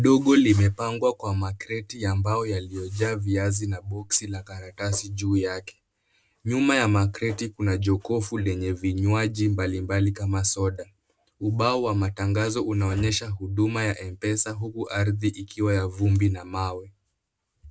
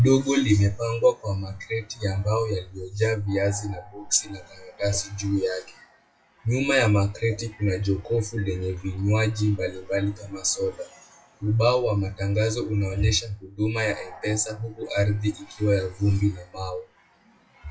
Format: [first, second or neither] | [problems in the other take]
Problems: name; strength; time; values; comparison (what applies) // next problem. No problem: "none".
first | noise reduction (classical method WPE with log-MMSE)